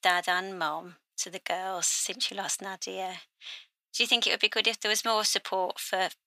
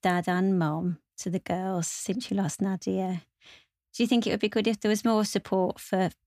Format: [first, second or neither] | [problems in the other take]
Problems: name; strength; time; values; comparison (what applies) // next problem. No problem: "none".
second | thin; very; fading below 850 Hz